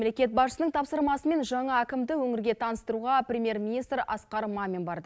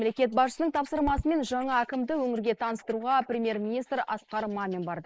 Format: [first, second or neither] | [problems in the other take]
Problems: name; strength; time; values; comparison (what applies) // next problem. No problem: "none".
first | noise reduction (neural mask model Resemble Enhance denoiser)